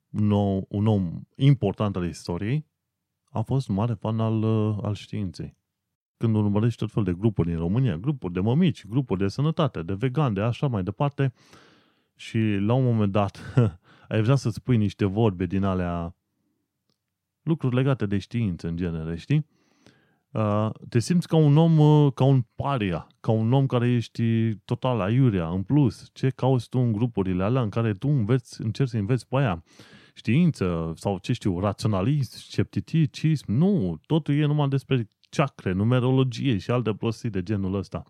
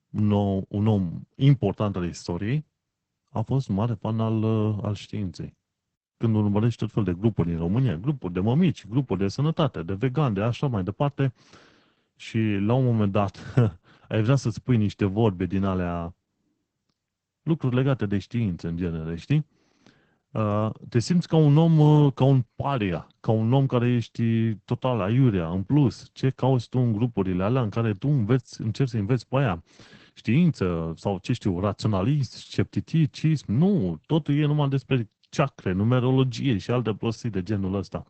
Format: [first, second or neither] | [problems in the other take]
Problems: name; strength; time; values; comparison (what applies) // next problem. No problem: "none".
first | garbled, watery; badly; nothing above 8 kHz